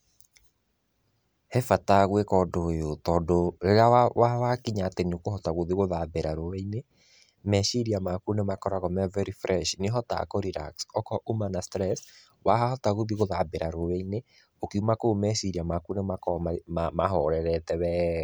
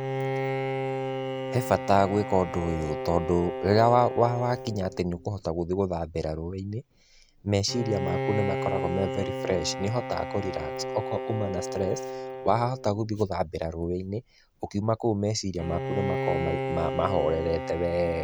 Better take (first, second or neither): first